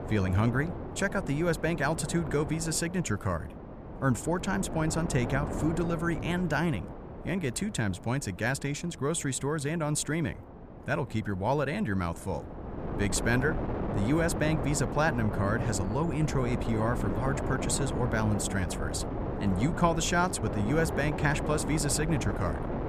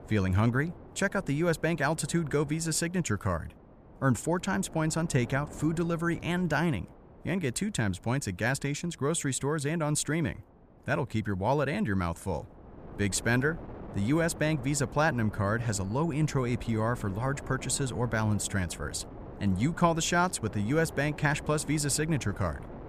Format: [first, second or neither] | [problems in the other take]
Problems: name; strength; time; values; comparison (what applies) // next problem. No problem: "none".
second | wind noise on the microphone; heavy; 7 dB below the speech; occasional gusts in the second